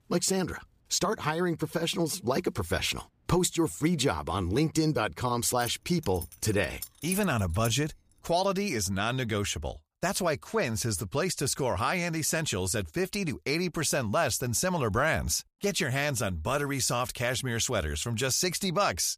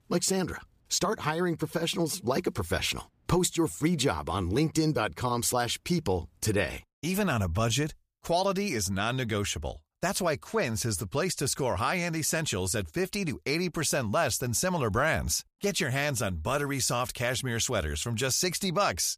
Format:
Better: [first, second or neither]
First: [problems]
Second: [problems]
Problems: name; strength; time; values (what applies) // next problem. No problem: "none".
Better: second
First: jangling keys; noticeable; from 5.5 to 8 s; peak 8 dB below the speech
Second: none